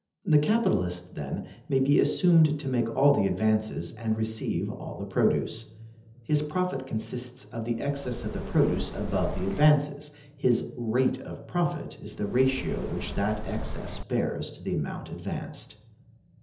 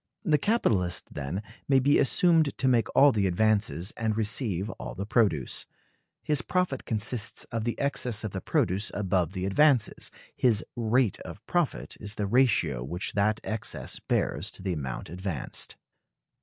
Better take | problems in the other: second | background sound (Bird); 7 dB below the speech // room echo; dies away in 1.2 s

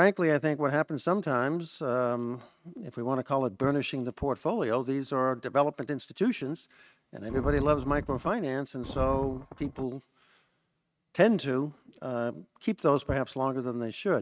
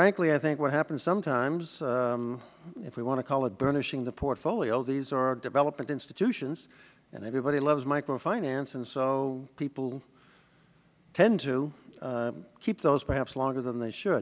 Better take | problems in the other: second | noise reduction (neural mask model RNNoise)

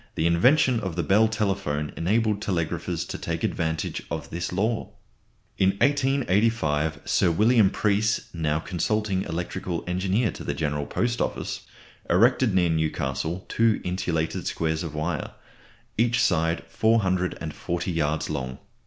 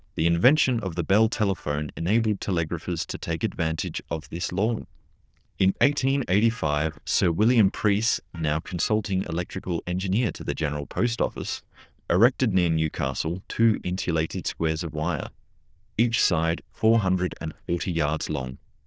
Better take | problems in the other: first | noise reduction (neural diffusion model UNIVERSE++)

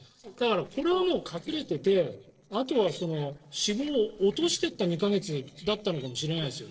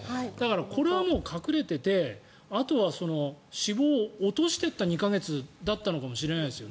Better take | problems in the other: second | noise reduction (neural separator model SepFormer DNS4)

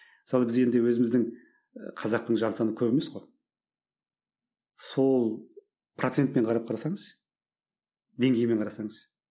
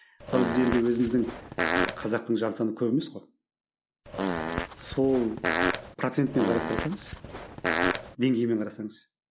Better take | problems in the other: first | background sound (Fart); 1 dB below the speech

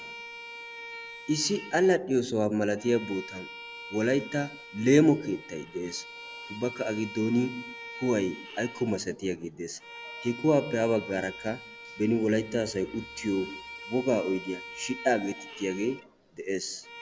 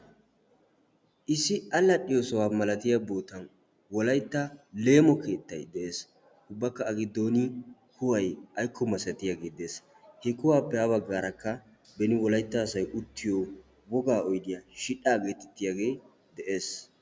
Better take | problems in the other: second | background sound (Bowed string instrument); 15 dB below the speech

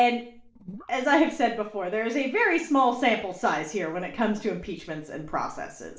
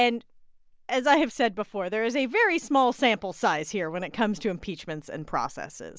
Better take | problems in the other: second | noise reduction (neural separator model SepFormer DNS4)

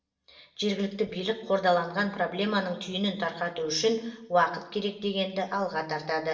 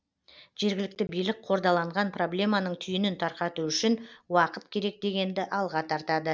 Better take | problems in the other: second | room echo; dies away in 0.8 s

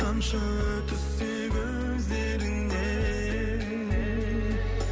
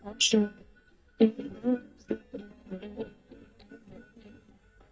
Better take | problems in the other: first | noise reduction (neural mask model DeepFilterNet 3)

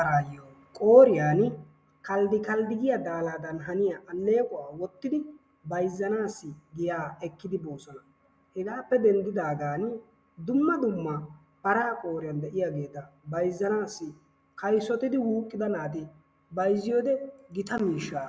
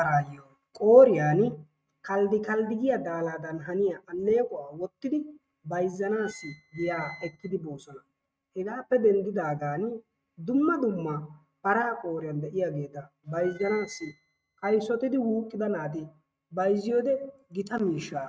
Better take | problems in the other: first | noise reduction (neural mask model RNNoise)

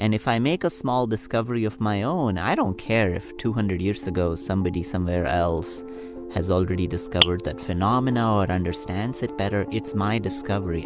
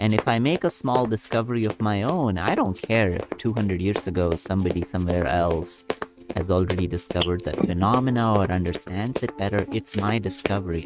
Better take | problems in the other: first | noise reduction (neural mask model RNNoise)

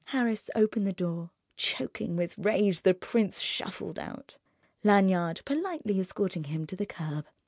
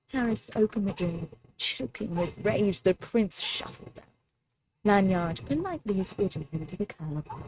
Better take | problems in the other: first | noise reduction (neural mask model RNNoise)

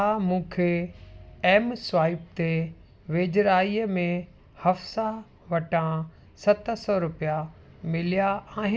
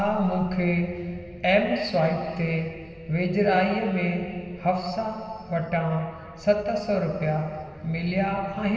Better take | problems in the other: first | room echo; dies away in 2.5 s

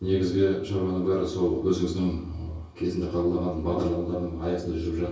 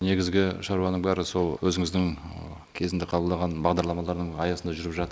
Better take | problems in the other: second | room echo; dies away in 0.6 s

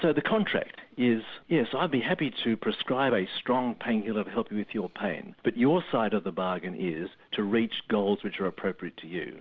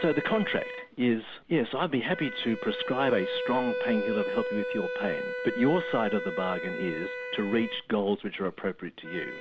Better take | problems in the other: first | background sound (Wind instrument, woodwind instrument); 6 dB below the speech

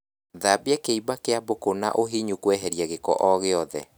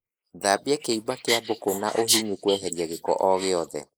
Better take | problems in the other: first | noise reduction (neural mask model Resemble Enhance denoiser)

